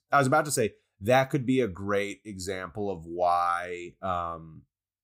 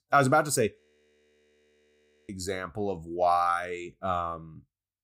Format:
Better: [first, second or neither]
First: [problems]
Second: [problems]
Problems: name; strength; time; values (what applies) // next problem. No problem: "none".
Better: first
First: none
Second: audio freezing; at 1 s for 1.5 s